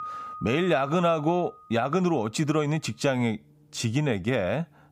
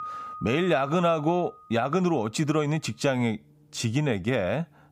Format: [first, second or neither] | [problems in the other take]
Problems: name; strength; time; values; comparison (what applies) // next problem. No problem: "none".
neither | background music; noticeable; throughout; 15 dB below the speech; the same in both